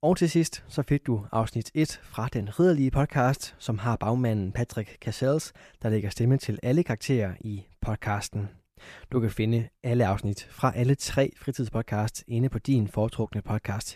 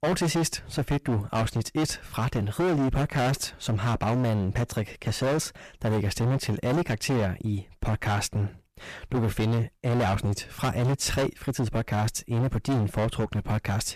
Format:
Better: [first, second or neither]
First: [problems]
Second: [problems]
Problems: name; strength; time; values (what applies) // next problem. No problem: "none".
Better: first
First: none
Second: distortion; heavy; 23% of the sound clipped